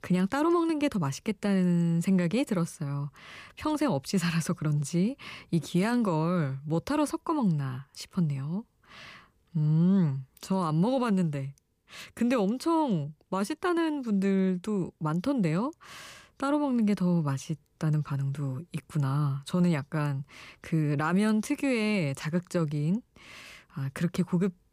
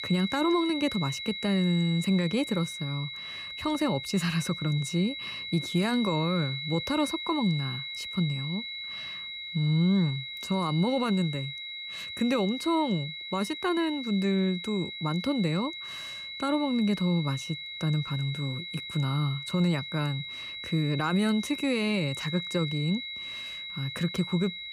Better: first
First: none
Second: high-pitched whine; loud; throughout; 4 kHz, 7 dB below the speech

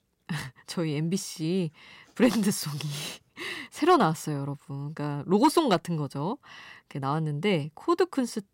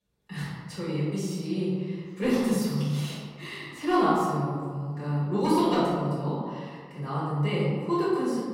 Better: first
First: none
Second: off-mic speech; far // room echo; strong; dies away in 1.6 s

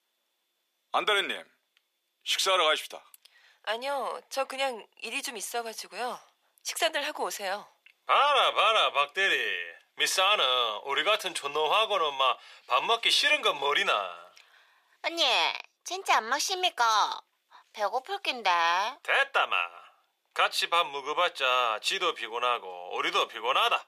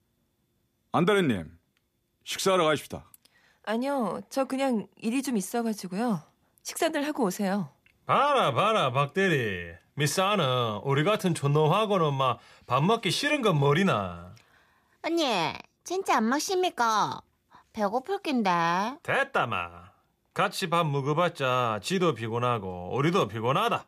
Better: second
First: thin; very; fading below 550 Hz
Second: none

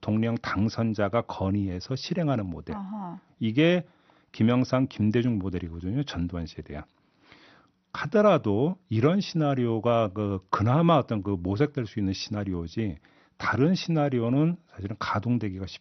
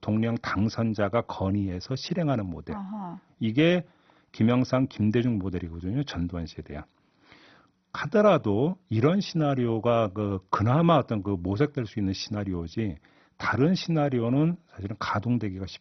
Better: first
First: garbled, watery; slightly; nothing above 6 kHz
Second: garbled, watery; badly; nothing above 6 kHz

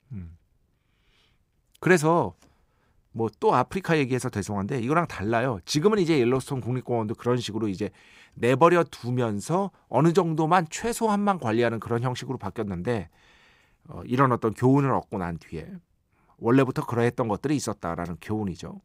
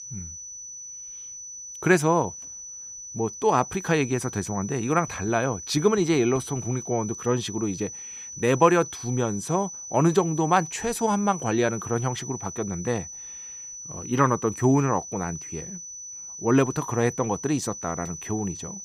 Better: first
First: none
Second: high-pitched whine; noticeable; throughout; 6 kHz, 10 dB below the speech

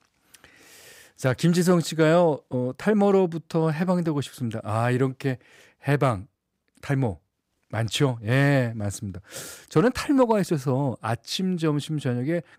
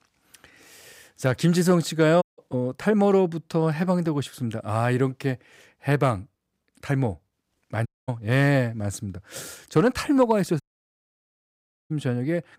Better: first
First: none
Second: audio cutting out; at 2 s, at 8 s and at 11 s for 1.5 s

